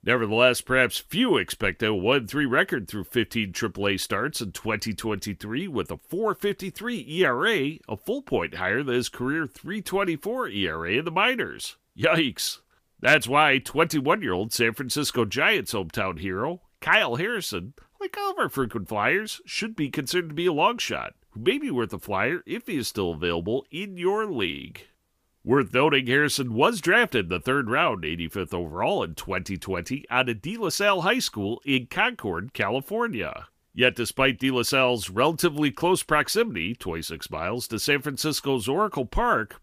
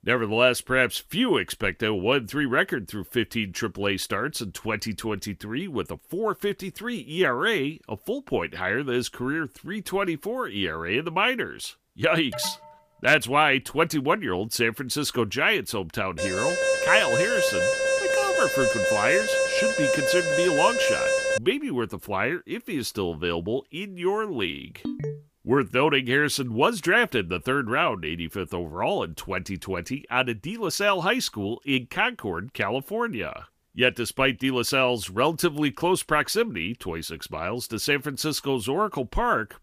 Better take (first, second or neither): first